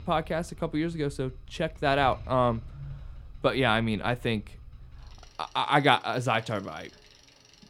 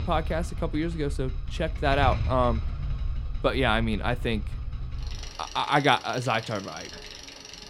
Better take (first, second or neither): first